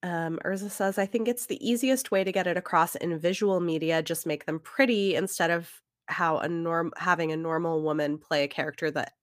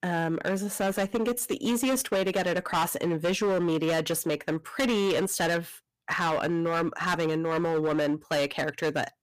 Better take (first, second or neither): first